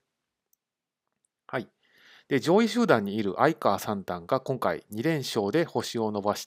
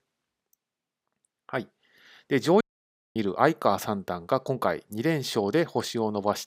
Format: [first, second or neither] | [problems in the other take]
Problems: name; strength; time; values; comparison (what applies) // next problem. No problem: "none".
first | audio cutting out; at 2.5 s for 0.5 s